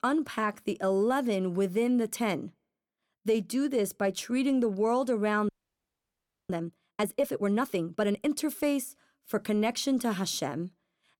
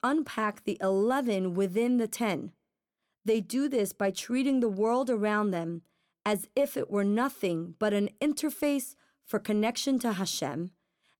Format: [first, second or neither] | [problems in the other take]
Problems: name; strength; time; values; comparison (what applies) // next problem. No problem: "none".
second | audio freezing; at 5.5 s for 1 s